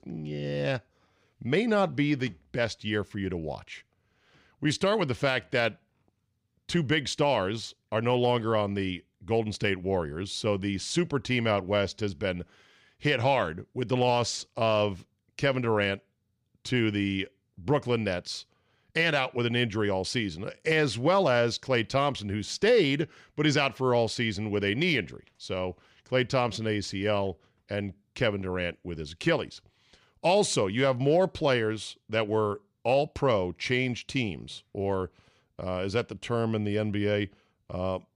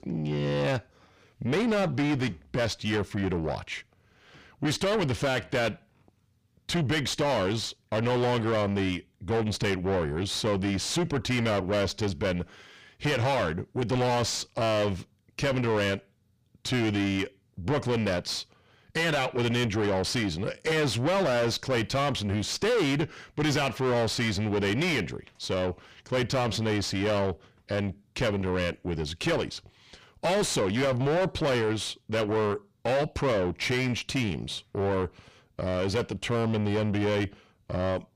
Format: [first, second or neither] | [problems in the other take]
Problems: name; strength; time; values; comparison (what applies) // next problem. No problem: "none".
first | distortion; heavy; 6 dB below the speech